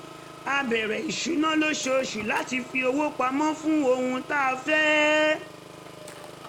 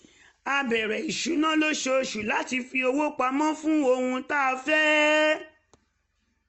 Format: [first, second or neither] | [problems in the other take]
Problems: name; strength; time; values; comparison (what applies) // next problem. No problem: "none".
second | background sound (Engine); 17 dB below the speech